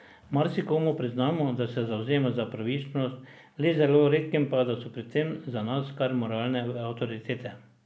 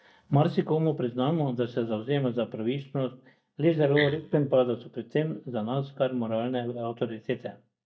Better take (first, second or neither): first